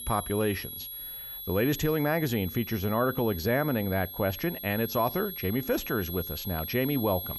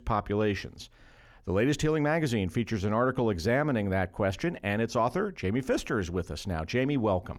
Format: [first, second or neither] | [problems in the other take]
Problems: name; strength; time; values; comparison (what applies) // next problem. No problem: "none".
second | high-pitched whine; loud; throughout; 11.5 kHz, 8 dB below the speech